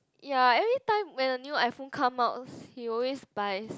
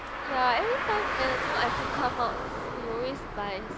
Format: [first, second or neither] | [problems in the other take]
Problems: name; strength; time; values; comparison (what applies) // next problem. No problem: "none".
first | background sound (Car); 1 dB below the speech